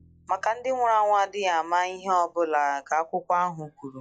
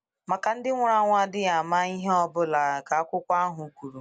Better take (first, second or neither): second